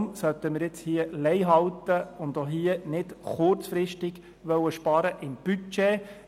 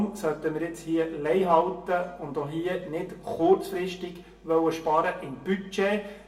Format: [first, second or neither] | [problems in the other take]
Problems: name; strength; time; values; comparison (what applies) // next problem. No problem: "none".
first | room echo; dies away in 0.6 s